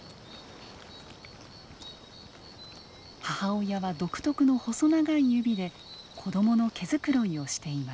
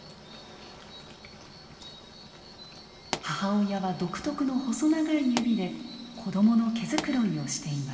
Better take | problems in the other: first | background sound (Explosion); 11 dB below the speech // room echo; dies away in 2.2 s

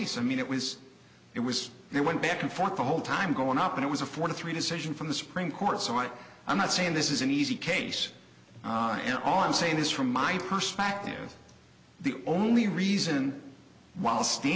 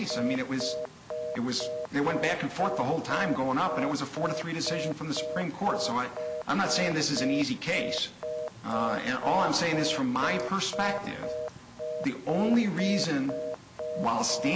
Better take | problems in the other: first | background sound (Telephone); 6 dB below the speech

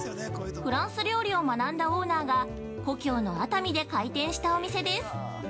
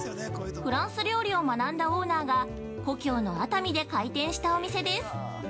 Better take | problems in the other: second | background sound (Piano); 20 dB below the speech

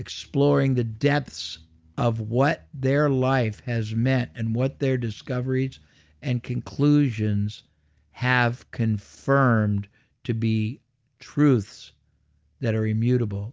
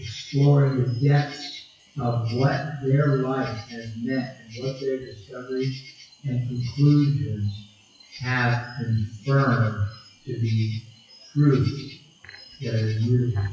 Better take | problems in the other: first | noise reduction (classical method WPE with log-MMSE)

